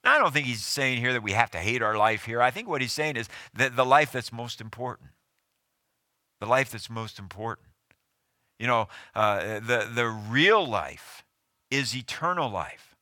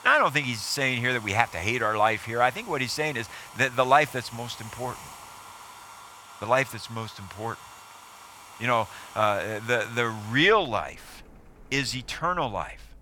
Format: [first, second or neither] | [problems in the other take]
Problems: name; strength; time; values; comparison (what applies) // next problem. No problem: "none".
first | household noises; noticeable; throughout; 20 dB below the speech